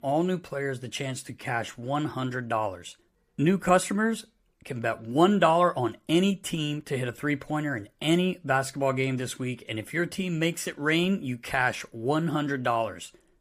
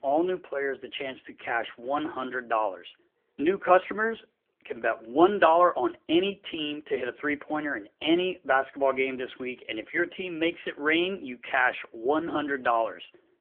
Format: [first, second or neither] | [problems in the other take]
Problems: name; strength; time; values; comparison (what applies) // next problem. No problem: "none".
first | phone-call audio; nothing above 3.5 kHz